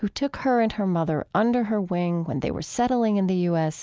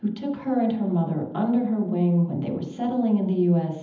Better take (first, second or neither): first